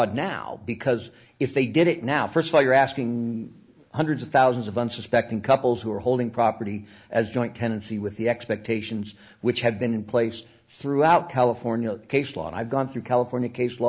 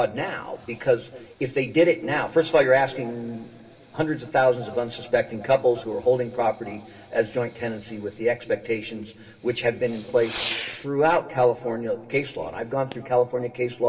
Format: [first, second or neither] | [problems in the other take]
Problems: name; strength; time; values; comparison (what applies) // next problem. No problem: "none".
first | background sound (Fireworks); 20 dB below the speech // room echo; dies away in 2.9 s